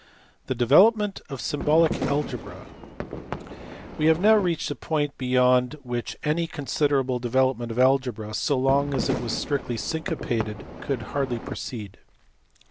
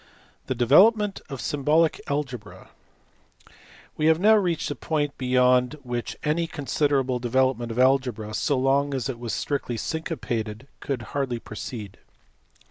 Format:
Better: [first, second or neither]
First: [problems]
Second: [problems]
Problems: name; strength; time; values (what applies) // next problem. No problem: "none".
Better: second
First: background sound (Fireworks); 8 dB below the speech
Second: none